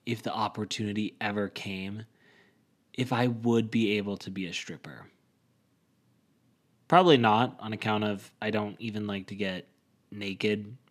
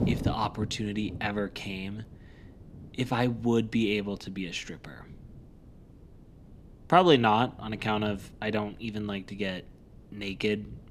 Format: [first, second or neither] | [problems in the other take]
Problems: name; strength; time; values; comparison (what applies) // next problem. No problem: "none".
first | wind noise on the microphone; occasional gusts; 25 dB below the speech